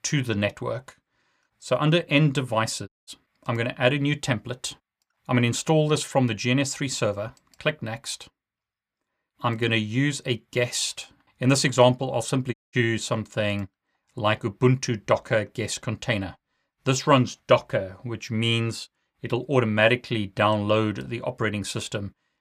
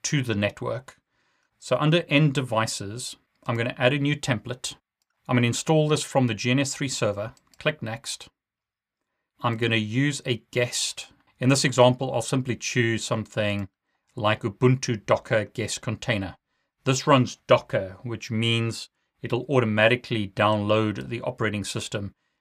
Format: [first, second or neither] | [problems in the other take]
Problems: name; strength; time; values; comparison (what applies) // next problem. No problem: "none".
second | audio cutting out; at 3 s and at 13 s